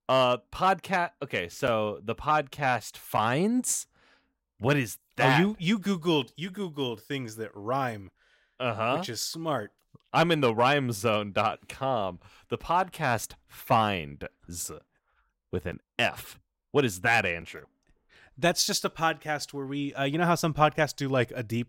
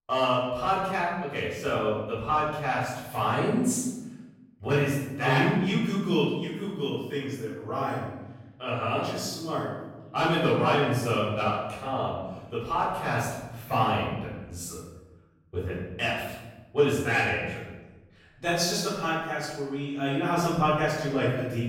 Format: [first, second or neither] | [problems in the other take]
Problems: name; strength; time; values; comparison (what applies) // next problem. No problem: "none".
first | off-mic speech; far // room echo; strong; dies away in 1.1 s